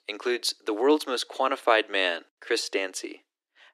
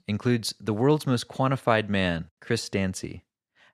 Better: second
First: thin; very; fading below 300 Hz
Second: none

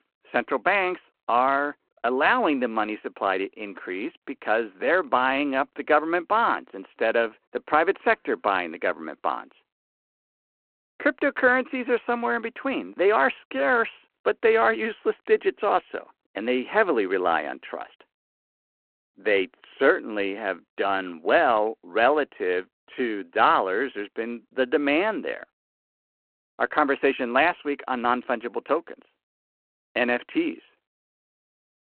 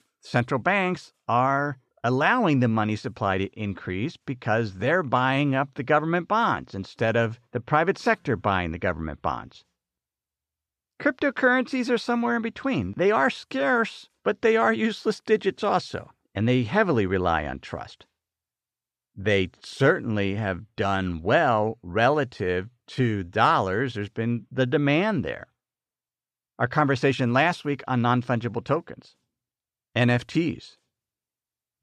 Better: second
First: phone-call audio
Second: none

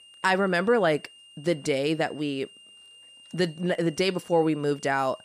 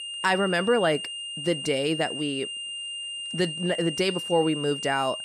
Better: first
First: high-pitched whine; faint; throughout; 3 kHz, 25 dB below the speech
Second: high-pitched whine; loud; throughout; 3 kHz, 6 dB below the speech

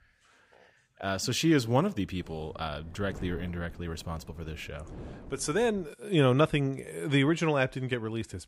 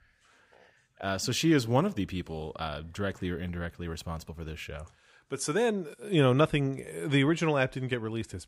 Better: second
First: wind noise on the microphone; occasional gusts; from 2 to 6 s; 25 dB below the speech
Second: none

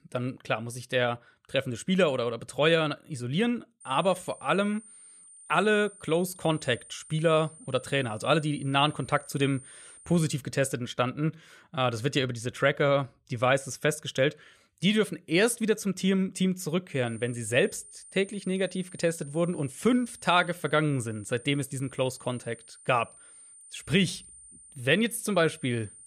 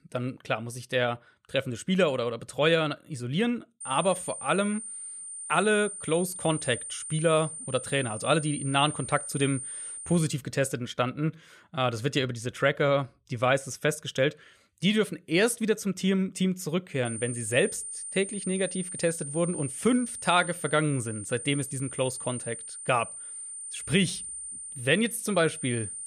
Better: first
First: high-pitched whine; faint; from 4 to 10 s and from 17 s on; 9 kHz, 20 dB below the speech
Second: high-pitched whine; loud; from 4 to 10 s and from 17 s on; 9 kHz, 8 dB below the speech

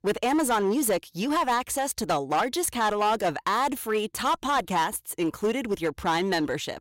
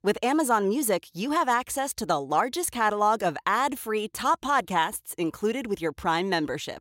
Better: second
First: distortion; slight; 10% of the sound clipped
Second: none

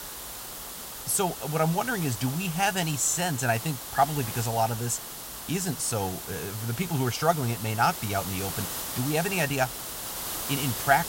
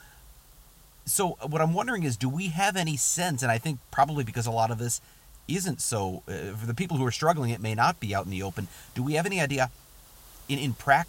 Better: second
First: hiss; loud; throughout; 6 dB below the speech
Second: hiss; faint; throughout; 25 dB below the speech

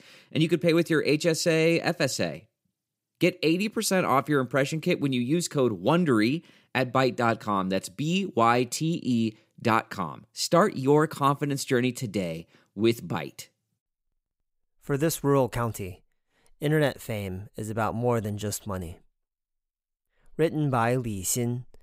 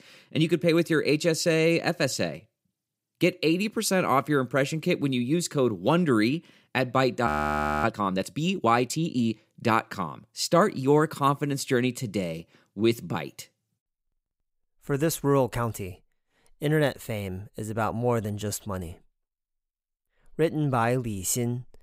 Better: first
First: none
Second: audio freezing; at 7.5 s for 0.5 s

